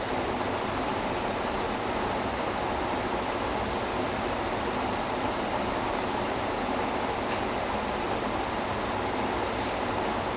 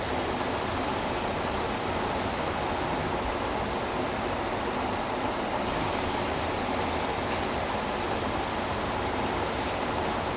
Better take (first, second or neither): first